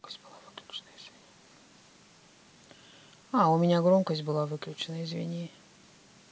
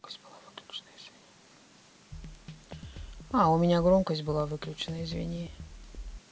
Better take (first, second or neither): first